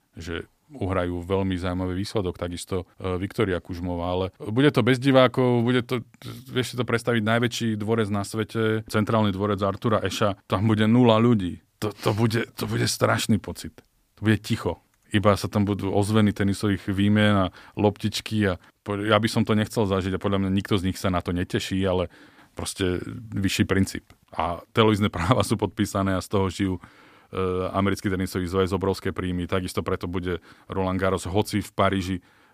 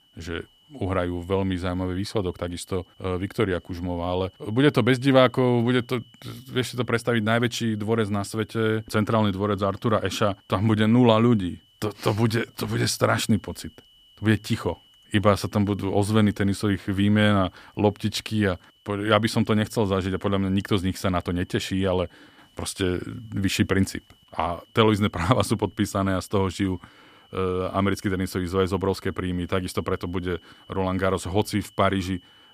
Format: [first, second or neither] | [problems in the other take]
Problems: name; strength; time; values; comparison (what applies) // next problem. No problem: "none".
first | high-pitched whine; faint; throughout; 3 kHz, 30 dB below the speech